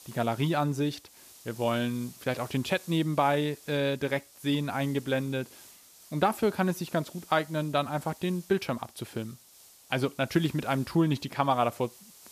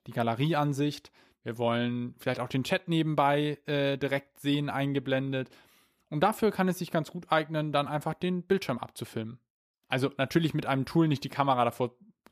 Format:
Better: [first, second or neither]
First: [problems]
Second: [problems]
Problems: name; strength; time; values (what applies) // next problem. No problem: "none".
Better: second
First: hiss; faint; throughout; 20 dB below the speech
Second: none